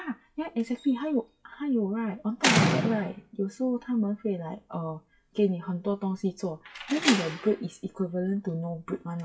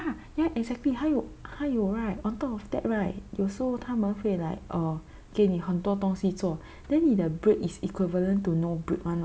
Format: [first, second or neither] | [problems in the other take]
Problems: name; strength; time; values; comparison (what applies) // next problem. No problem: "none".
second | noise reduction (classical method WPE with log-MMSE)